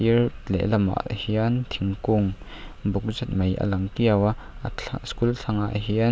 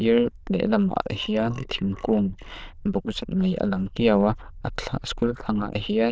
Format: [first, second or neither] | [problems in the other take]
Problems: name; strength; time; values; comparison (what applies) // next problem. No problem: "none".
first | noise reduction (neural diffusion model UNIVERSE++)